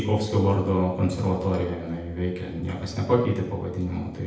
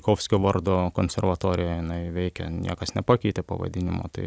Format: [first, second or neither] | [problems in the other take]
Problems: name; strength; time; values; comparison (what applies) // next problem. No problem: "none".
second | room echo; dies away in 0.8 s